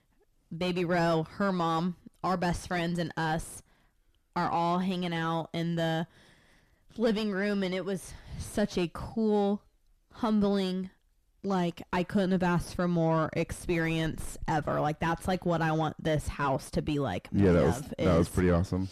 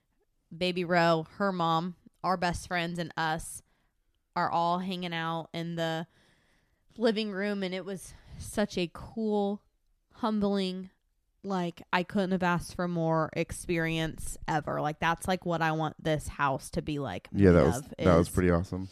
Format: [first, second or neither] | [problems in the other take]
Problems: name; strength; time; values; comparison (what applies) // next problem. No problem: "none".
second | distortion; heavy; 7 dB below the speech